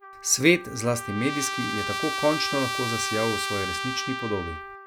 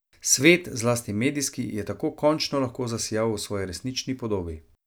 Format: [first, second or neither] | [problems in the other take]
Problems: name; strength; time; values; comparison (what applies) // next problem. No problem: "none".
second | background sound (Trumpet); 4 dB below the speech